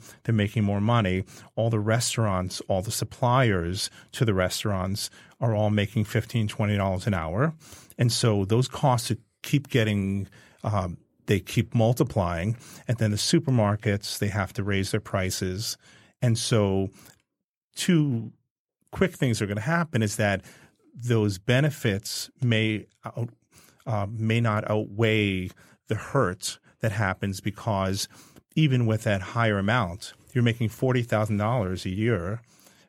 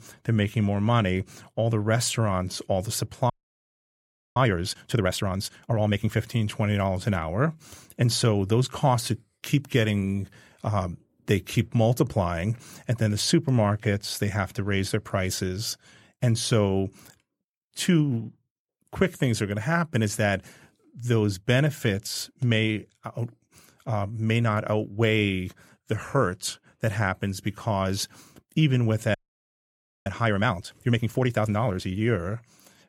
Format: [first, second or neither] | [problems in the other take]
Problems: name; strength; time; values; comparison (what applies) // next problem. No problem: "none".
first | audio freezing; at 3.5 s for 1 s and at 29 s for 1 s